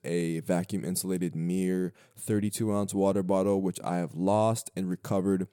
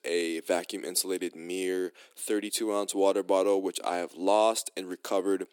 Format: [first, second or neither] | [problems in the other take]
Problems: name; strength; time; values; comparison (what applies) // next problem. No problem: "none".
first | thin; somewhat; fading below 300 Hz